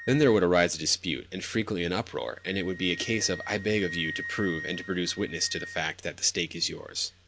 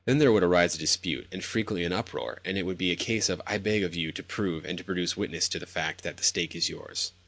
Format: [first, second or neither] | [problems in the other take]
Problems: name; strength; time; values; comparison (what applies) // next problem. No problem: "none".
second | background sound (Wind instrument, woodwind instrument); 14 dB below the speech